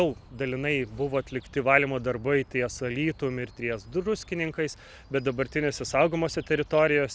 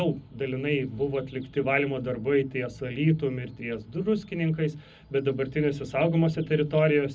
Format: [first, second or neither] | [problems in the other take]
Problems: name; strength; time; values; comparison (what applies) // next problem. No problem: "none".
first | room echo; dies away in 0.4 s